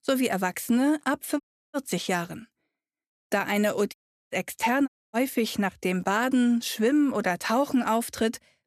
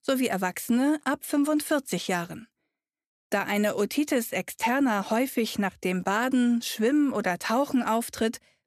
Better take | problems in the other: second | audio cutting out; at 1.5 s, at 4 s and at 5 s

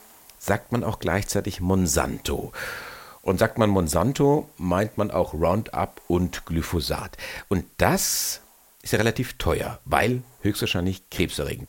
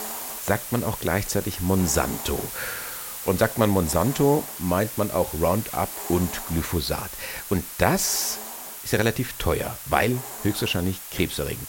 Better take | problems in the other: first | hiss; loud; throughout; 8 dB below the speech; faint in the first

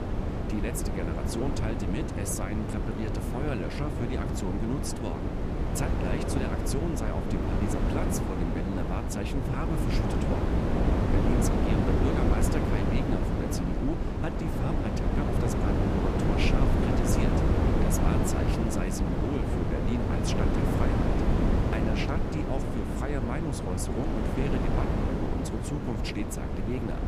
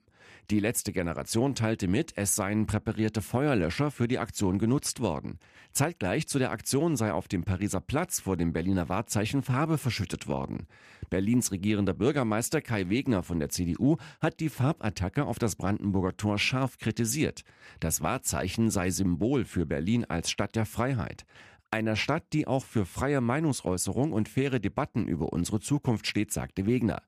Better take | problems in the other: second | wind noise on the microphone; heavy; 4 dB above the speech

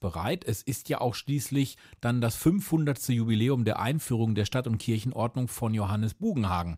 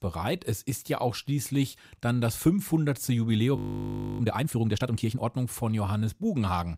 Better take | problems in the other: first | audio freezing; at 3.5 s for 0.5 s

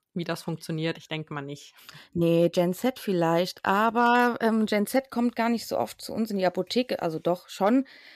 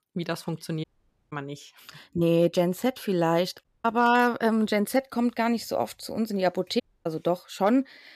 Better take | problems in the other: first | audio cutting out; at 1 s, at 3.5 s and at 7 s

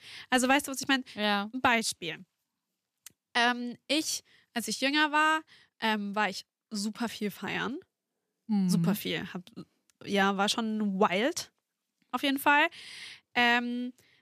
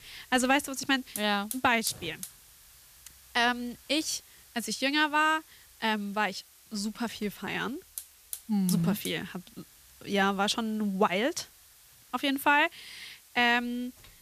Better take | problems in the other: first | hiss; noticeable; throughout; 20 dB below the speech

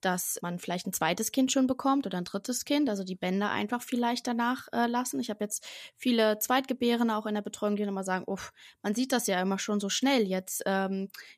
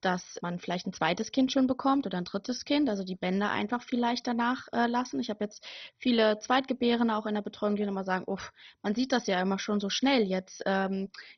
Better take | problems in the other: first | garbled, watery; badly; nothing above 6 kHz

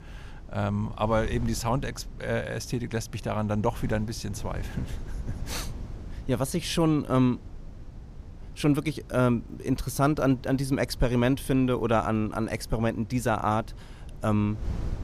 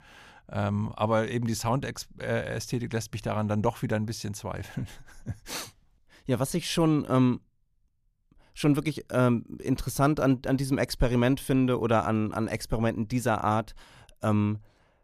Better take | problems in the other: second | wind noise on the microphone; occasional gusts; 25 dB below the speech

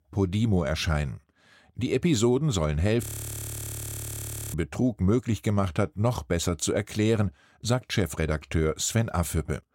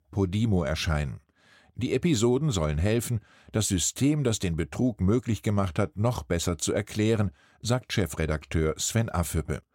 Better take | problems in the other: second | audio freezing; at 3 s for 1.5 s

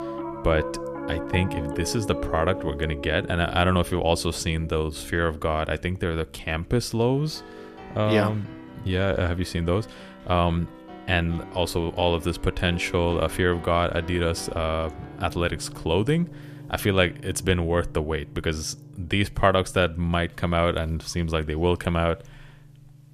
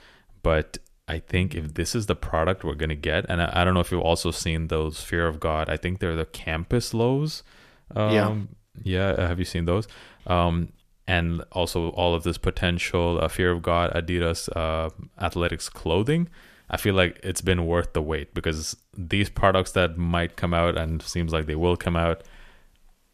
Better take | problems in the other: second | background music; noticeable; throughout; 15 dB below the speech

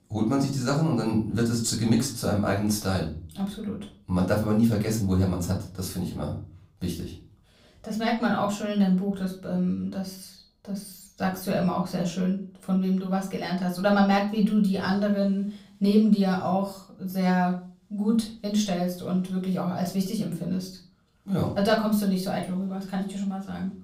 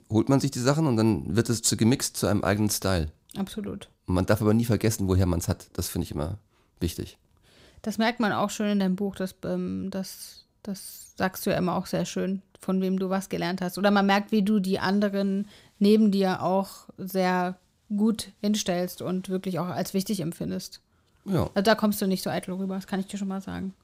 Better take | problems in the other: second | off-mic speech; far // room echo; slight; dies away in 0.3 s

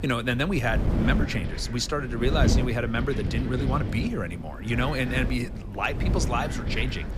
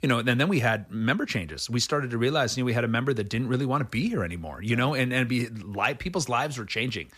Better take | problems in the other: second | wind noise on the microphone; heavy; 8 dB below the speech

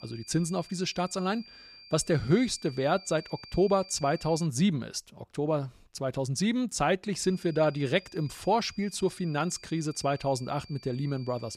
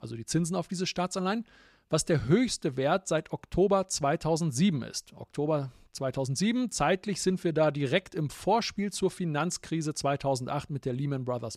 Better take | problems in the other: second | high-pitched whine; noticeable; until 4.5 s and from 7 s on; 4.5 kHz, 20 dB below the speech

